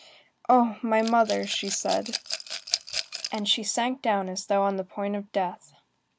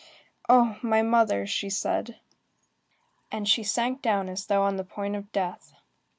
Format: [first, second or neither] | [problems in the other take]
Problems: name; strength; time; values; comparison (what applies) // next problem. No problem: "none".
second | background sound (Rattle / Glass); 8 dB below the speech